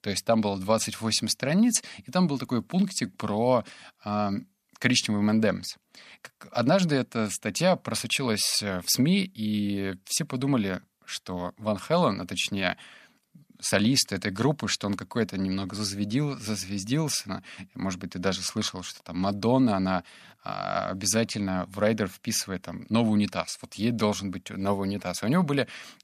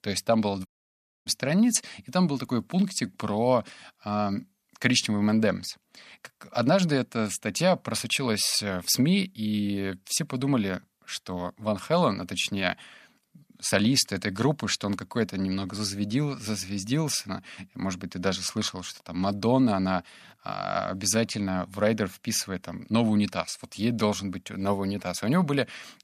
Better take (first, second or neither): first